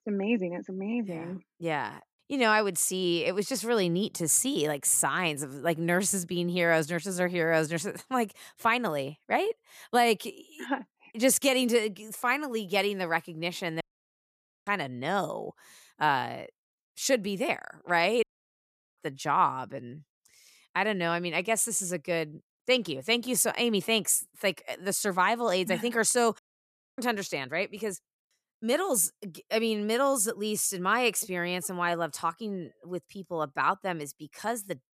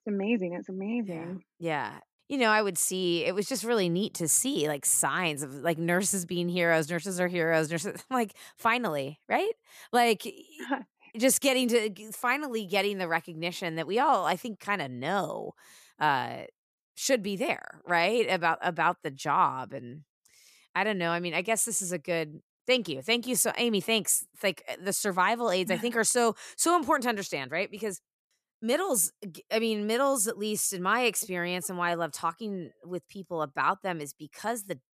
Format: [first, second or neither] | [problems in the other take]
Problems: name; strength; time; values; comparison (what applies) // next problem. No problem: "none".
second | audio cutting out; at 14 s for 1 s, at 18 s for 0.5 s and at 26 s for 0.5 s